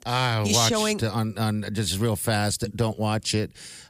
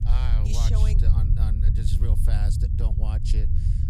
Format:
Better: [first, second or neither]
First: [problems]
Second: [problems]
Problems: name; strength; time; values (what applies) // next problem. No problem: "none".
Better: first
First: none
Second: low rumble; loud; throughout; as loud as the speech